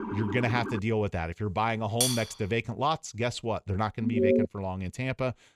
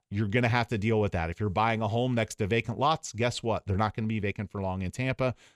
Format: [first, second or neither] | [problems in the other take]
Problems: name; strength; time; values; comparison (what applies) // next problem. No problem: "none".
second | siren; noticeable; at the start; peak 5 dB below the speech // clattering dishes; loud; at 2 s; peak 3 dB above the speech // alarm; loud; at 4 s; peak 6 dB above the speech